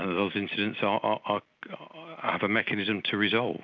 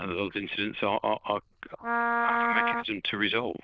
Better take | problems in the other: first | noise reduction (neural diffusion model UNIVERSE++)

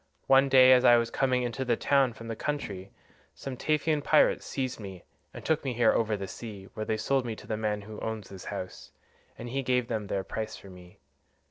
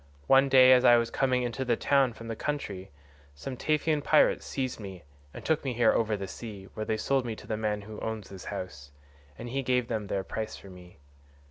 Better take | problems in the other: second | noise reduction (neural separator model SepFormer DNS4)

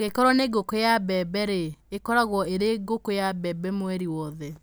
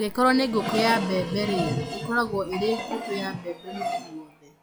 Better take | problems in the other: first | noise reduction (classical method log-MMSE)

